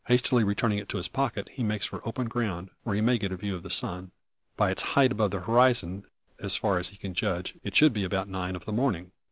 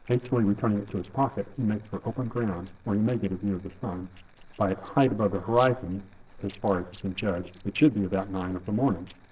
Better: first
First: none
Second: noise reduction (neural separator model SepFormer DNS4)

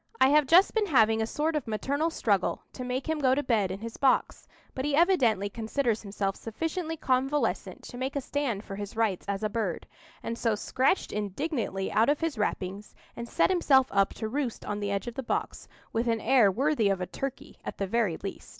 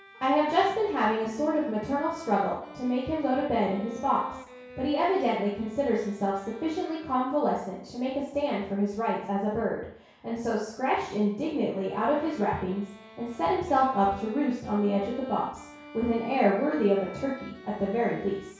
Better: first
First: none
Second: background sound (Bowed string instrument); 19 dB below the speech // room echo; dies away in 0.6 s

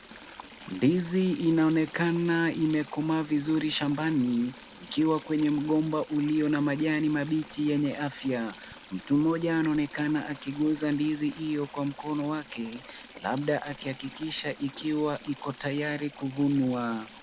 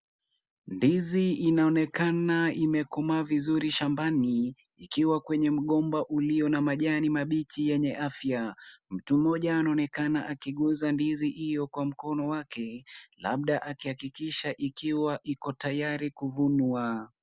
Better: second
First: background sound (Stream / Trickle, dribble); 20 dB below the speech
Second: none

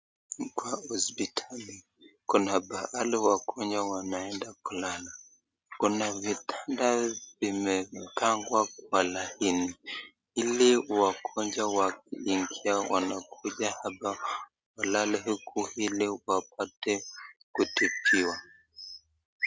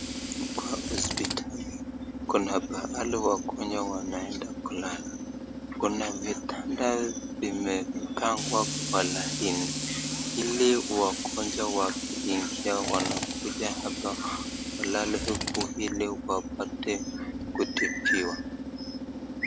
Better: first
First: none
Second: background sound (Tools); 3 dB below the speech

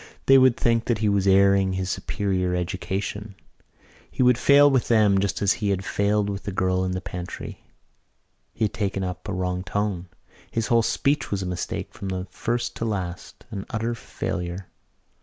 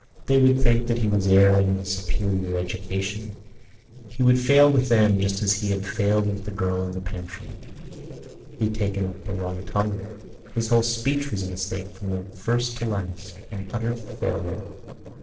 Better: first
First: none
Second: noise reduction (neural separator model SepFormer DNS4)

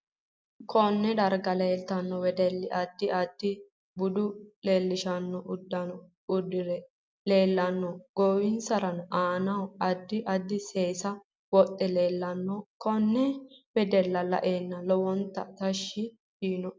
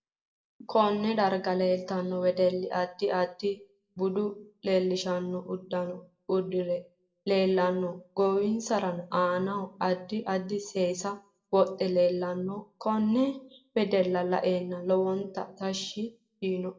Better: first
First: none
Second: room echo; dies away in 0.3 s

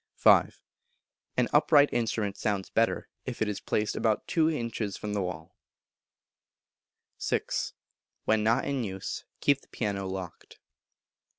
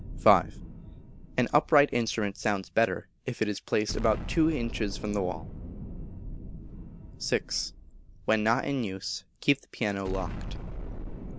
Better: first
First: none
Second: background sound (Explosion); 10 dB below the speech

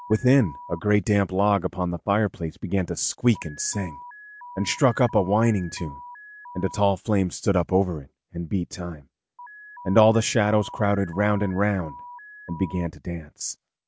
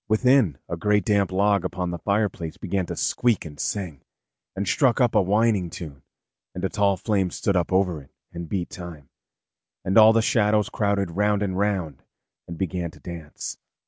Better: second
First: background sound (Alarm); 20 dB below the speech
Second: none

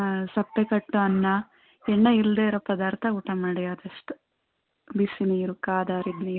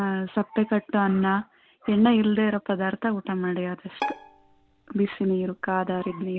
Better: first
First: none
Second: background sound (Bowed string instrument); 13 dB below the speech

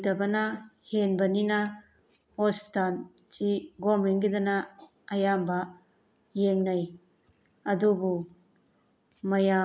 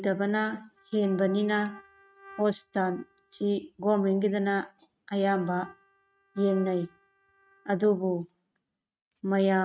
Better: first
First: none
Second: noise reduction (neural mask model RNNoise)

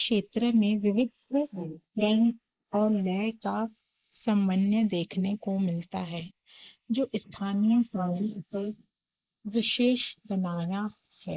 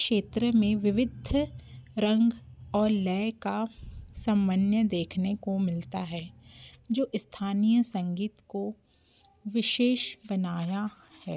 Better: second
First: noise reduction (neural mask model Resemble Enhance denoiser)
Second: none

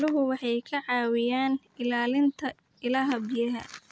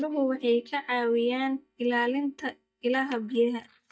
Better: first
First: none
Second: noise reduction (neural mask model DeepFilterNet 3)

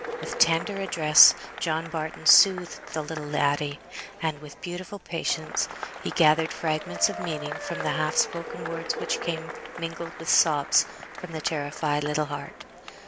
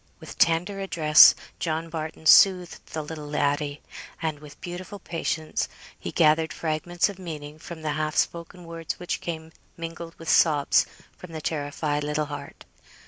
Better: second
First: background sound (Applause / Crowd / Cheering); 10 dB below the speech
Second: none

